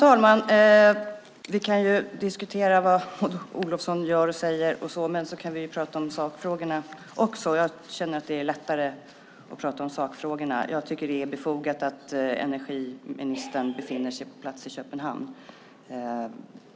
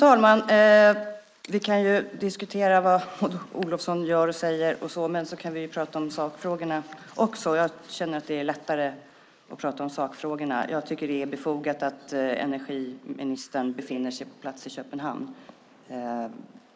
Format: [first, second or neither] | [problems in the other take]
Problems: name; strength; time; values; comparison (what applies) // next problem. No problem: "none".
first | noise reduction (neural mask model Resemble Enhance denoiser)